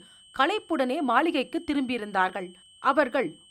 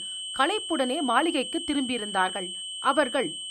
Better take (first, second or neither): first